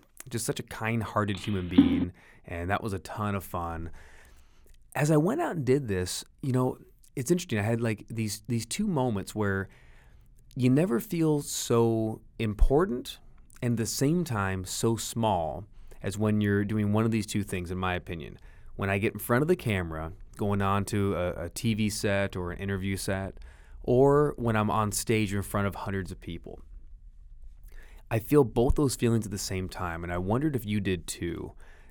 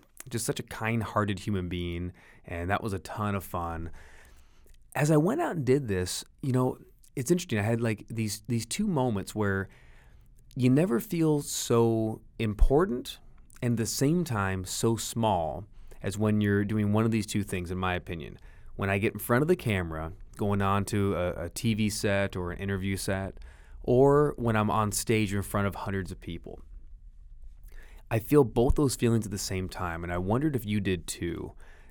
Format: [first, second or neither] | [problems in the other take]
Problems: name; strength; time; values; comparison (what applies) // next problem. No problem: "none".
second | phone ringing; loud; at 2 s; peak 6 dB above the speech